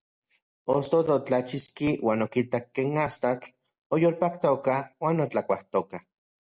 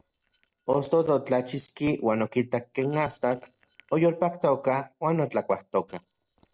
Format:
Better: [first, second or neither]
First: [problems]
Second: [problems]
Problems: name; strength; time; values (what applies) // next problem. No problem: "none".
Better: first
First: none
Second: noise reduction (neural separator model SepFormer DNS4)